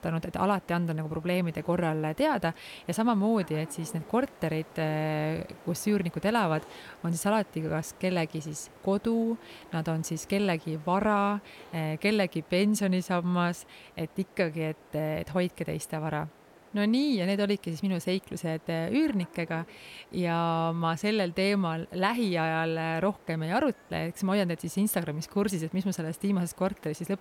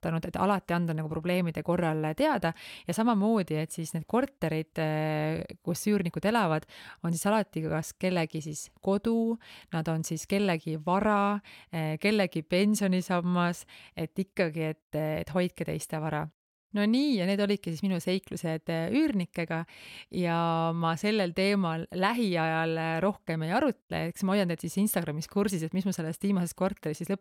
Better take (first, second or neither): second